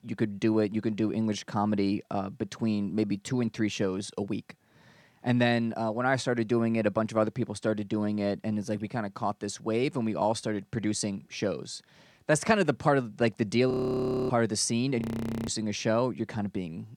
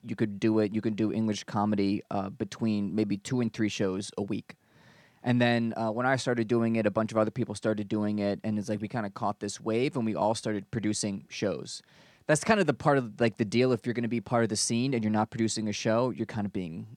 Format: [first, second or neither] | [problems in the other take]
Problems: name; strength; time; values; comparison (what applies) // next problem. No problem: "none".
second | audio freezing; at 14 s for 0.5 s and at 15 s